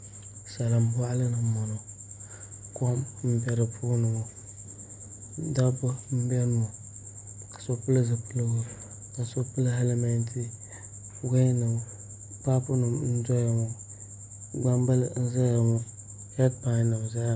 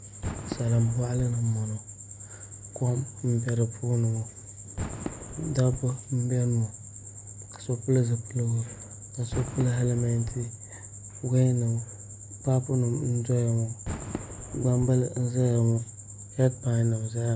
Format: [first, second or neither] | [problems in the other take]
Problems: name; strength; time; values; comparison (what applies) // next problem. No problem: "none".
first | background sound (Fireworks); 15 dB below the speech